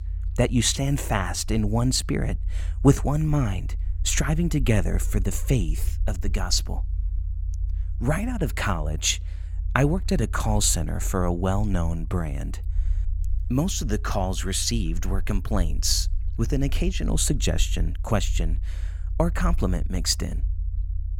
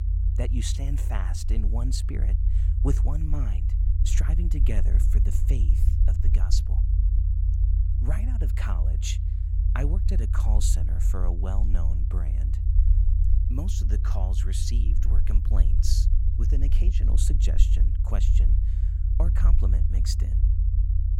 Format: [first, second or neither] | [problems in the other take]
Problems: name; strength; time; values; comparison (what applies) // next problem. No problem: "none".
first | low rumble; loud; throughout; 4 dB below the speech; faint in the first